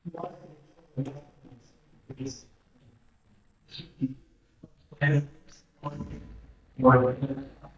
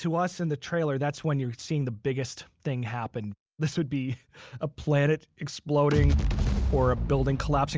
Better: second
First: noise reduction (neural mask model DeepFilterNet 3)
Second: none

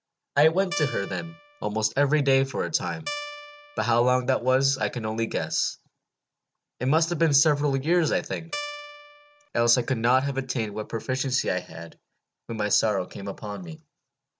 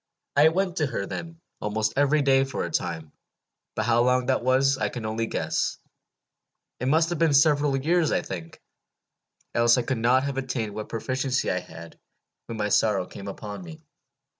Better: second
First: background sound (Guitar); 10 dB below the speech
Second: none

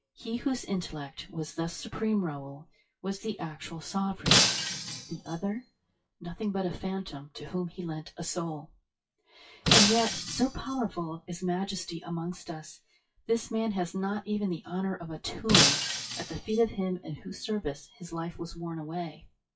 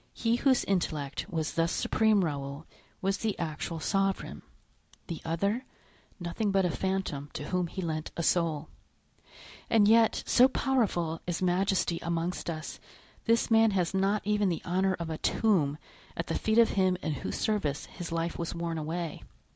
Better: second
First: noise reduction (classical method WPE with log-MMSE)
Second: none

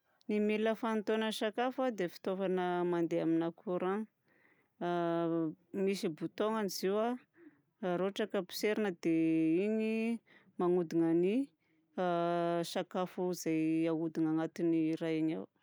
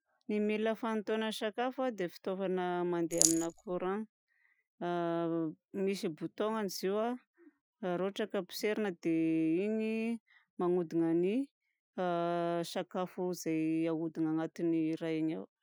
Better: first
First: none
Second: noise reduction (classical method Wiener filter)

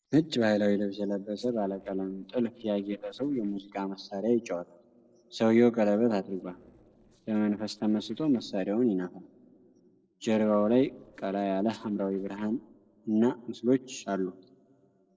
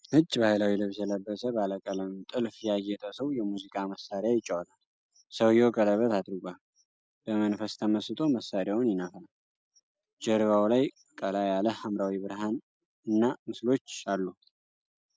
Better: second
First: noise reduction (neural separator model SepFormer DNS4)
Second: none

